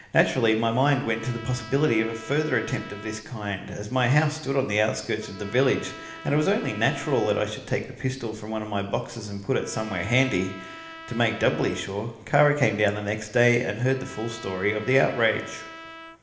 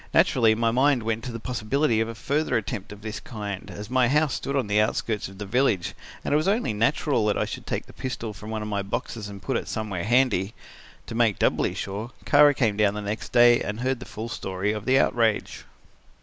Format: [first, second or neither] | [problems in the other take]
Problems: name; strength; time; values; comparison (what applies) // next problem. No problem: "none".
second | background sound (Trumpet); 18 dB below the speech // room echo; dies away in 1 s